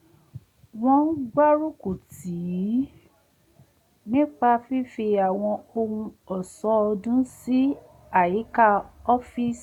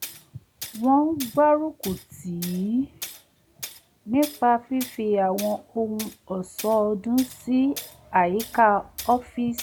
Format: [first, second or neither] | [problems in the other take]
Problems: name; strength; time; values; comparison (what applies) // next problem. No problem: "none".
first | background sound (Tools); 16 dB below the speech